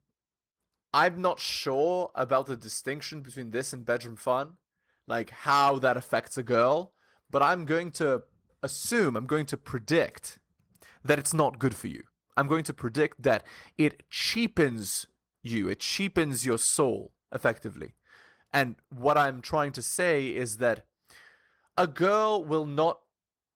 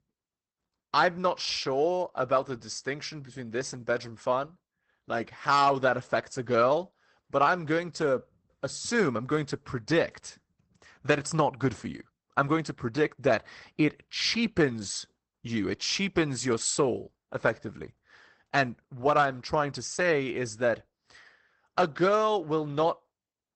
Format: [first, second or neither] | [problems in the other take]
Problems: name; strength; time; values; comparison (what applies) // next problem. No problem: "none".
first | garbled, watery; badly; nothing above 8 kHz; slightly in the first